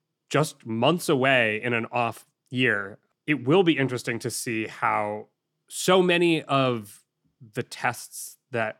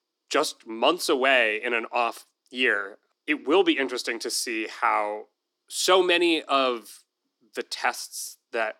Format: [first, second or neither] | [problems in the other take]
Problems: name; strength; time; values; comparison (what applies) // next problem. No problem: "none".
first | thin; somewhat; fading below 300 Hz